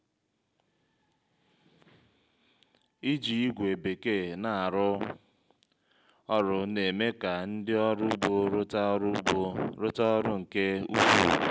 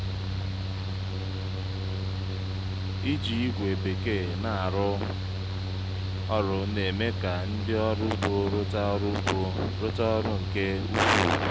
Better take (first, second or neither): first